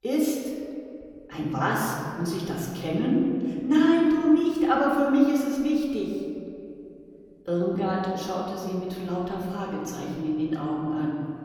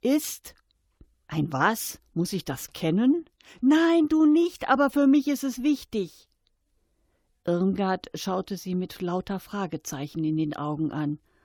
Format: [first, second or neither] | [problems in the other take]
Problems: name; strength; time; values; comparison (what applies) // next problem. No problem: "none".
second | room echo; noticeable; dies away in 2.6 s // off-mic speech; far